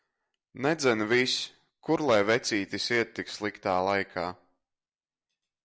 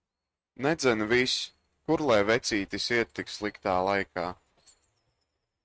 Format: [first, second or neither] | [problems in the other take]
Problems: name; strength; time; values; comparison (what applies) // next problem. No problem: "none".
first | noise reduction (neural mask model RNNoise)